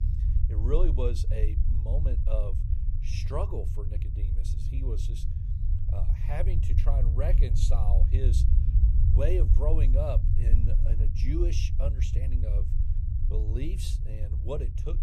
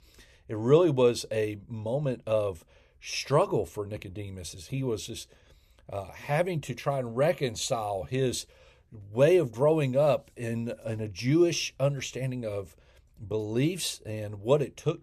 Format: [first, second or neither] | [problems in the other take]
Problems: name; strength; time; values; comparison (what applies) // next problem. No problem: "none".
second | low rumble; loud; throughout; 7 dB below the speech